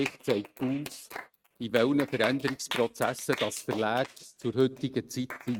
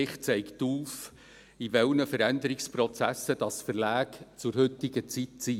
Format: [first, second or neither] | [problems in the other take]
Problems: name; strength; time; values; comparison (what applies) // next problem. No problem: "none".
second | noise reduction (neural mask model RNNoise)